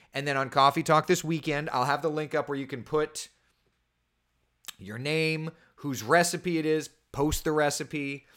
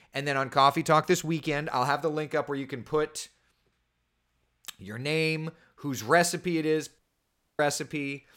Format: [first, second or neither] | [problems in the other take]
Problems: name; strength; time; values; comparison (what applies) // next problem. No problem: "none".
first | audio cutting out; at 7 s for 0.5 s